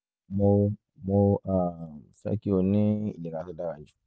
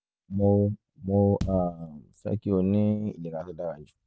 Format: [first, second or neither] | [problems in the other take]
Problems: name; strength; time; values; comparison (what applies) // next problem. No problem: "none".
first | background sound (Bass drum); 12 dB below the speech